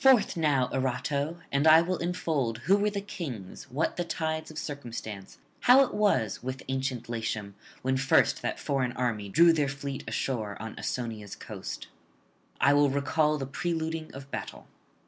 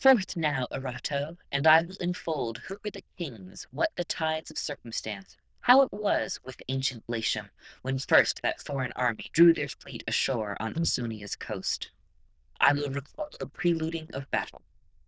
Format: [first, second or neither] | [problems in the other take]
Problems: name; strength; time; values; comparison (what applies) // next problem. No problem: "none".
first | noise reduction (neural diffusion model UNIVERSE++)